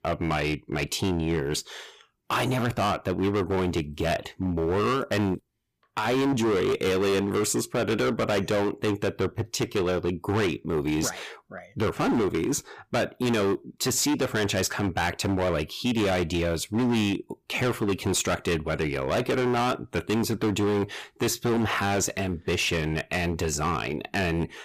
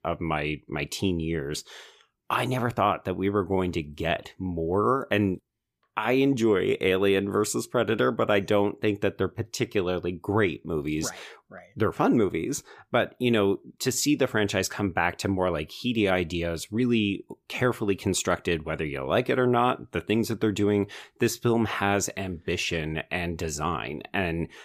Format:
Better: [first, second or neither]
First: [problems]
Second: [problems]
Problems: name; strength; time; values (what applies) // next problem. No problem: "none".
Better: second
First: distortion; heavy; 18% of the sound clipped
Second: none